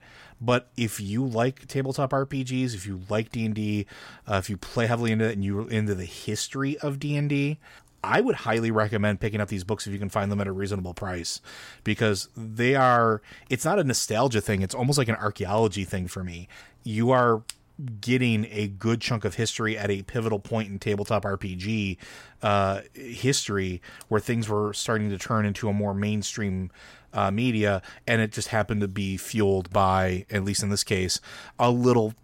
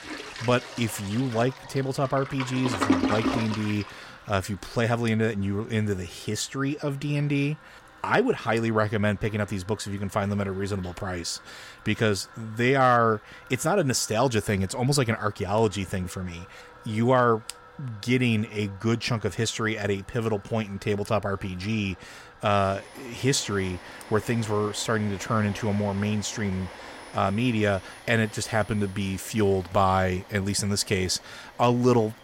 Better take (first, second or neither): first